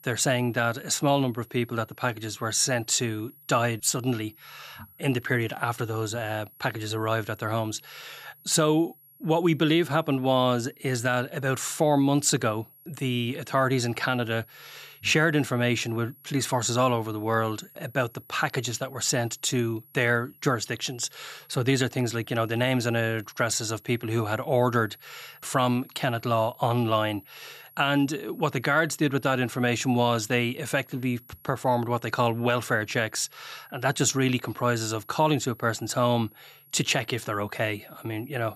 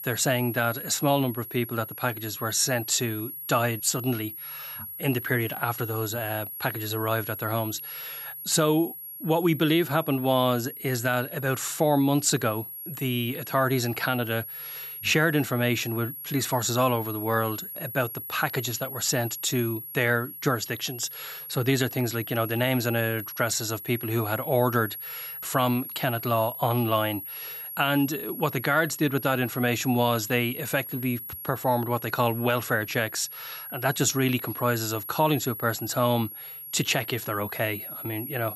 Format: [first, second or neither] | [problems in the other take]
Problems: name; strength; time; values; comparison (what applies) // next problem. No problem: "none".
first | high-pitched whine; loud; throughout; 11.5 kHz, 9 dB below the speech; faint in the first